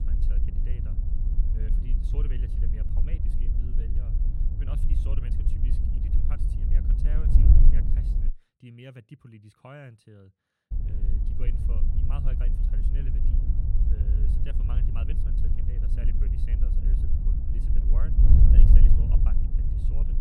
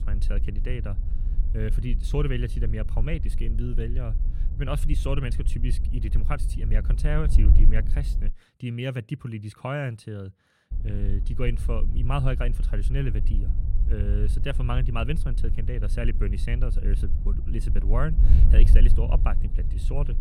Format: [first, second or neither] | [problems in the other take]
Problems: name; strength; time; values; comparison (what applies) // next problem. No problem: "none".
second | wind noise on the microphone; heavy; until 8.5 s and from 11 s on; 4 dB above the speech; occasional gusts in the second